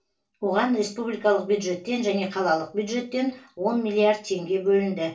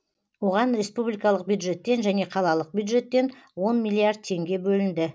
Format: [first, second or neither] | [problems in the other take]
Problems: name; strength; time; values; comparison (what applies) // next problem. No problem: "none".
second | room echo; dies away in 0.3 s